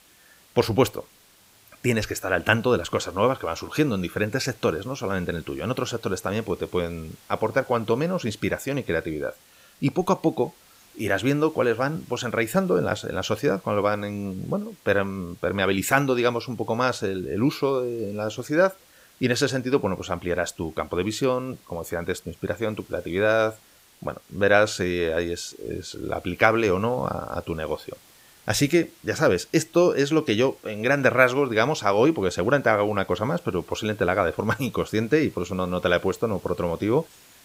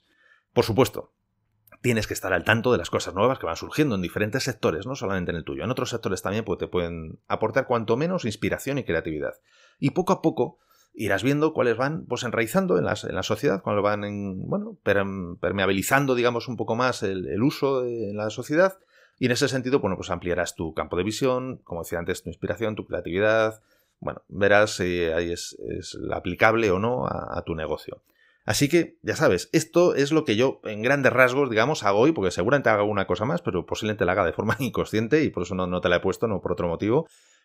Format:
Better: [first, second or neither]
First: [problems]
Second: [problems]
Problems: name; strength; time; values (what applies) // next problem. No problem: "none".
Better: second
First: hiss; faint; throughout; 25 dB below the speech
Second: none